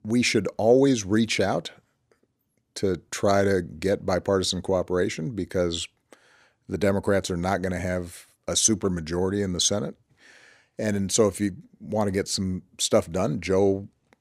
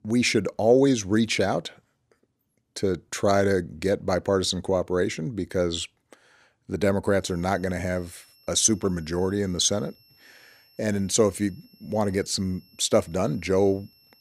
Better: first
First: none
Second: high-pitched whine; faint; from 7 s on; 5.5 kHz, 30 dB below the speech

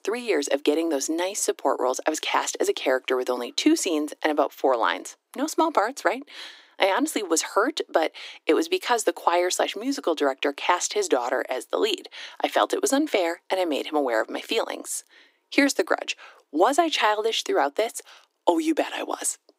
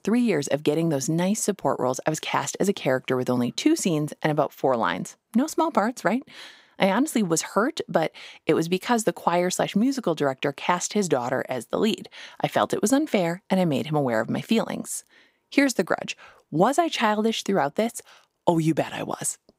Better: second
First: thin; somewhat; fading below 300 Hz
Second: none

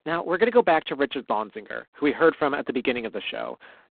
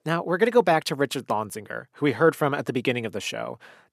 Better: second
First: phone-call audio; poor line; nothing above 3.5 kHz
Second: none

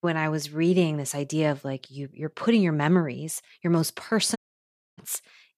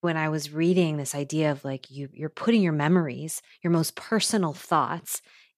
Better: second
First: audio cutting out; at 4.5 s for 0.5 s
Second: none

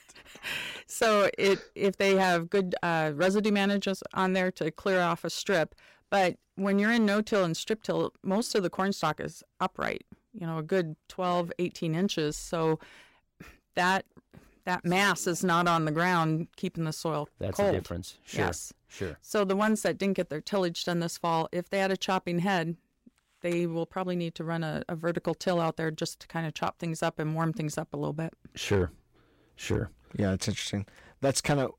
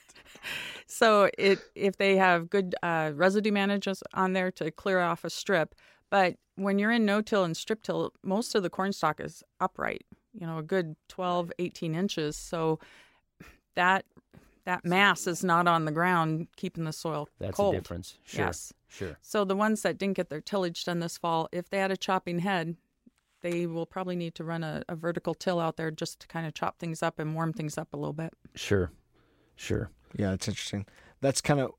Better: second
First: distortion; slight; 4% of the sound clipped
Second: none

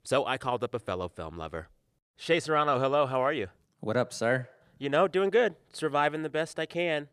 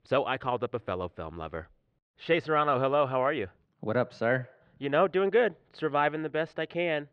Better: first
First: none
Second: muffled; slightly; fading above 3 kHz

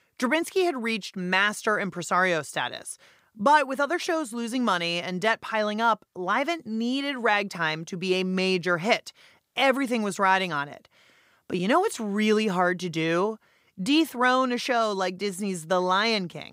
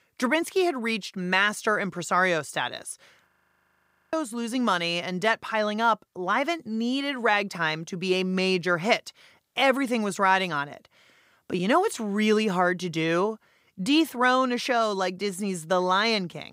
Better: first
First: none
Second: audio freezing; at 3.5 s for 1 s

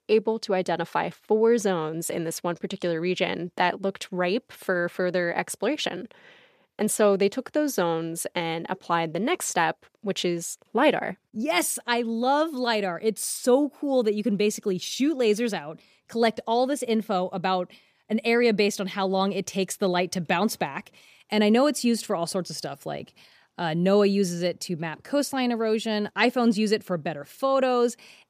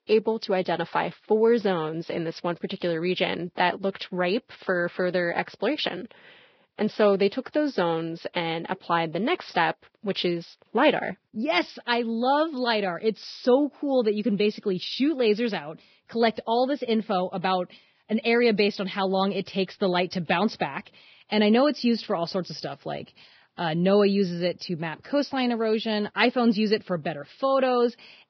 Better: first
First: none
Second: garbled, watery; badly; nothing above 5.5 kHz

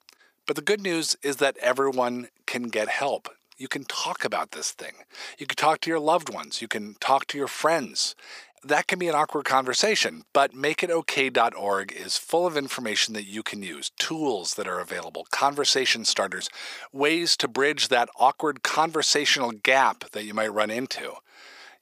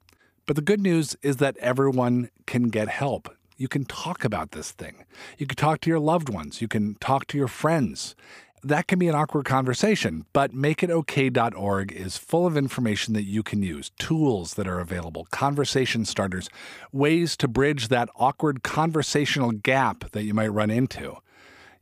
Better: second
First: thin; somewhat; fading below 500 Hz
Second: none

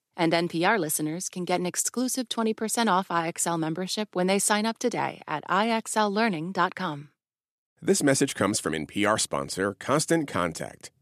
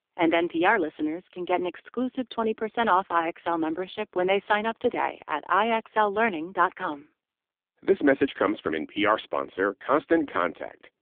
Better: first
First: none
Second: phone-call audio; poor line

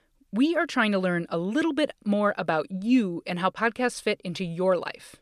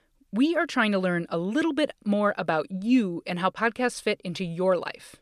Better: neither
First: none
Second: none

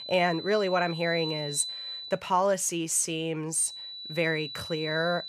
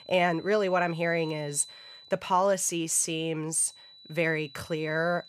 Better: second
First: high-pitched whine; loud; until 2 s and from 3.5 s on; 4 kHz, 8 dB below the speech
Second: high-pitched whine; faint; until 2 s and from 3.5 s on; 4 kHz, 20 dB below the speech

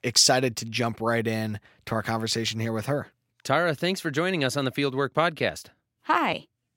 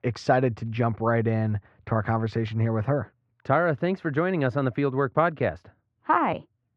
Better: first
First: none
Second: muffled; very; fading above 1.5 kHz

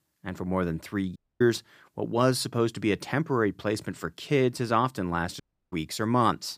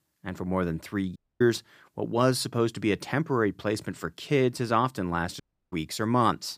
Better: neither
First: audio cutting out; at 1 s and at 5.5 s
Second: audio cutting out; at 1 s and at 5.5 s

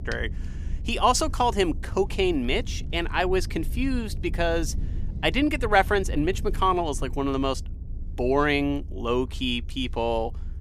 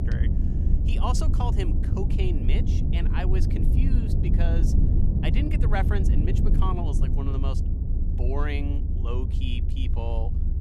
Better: first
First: low rumble; faint; throughout; 25 dB below the speech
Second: low rumble; loud; throughout; 3 dB below the speech

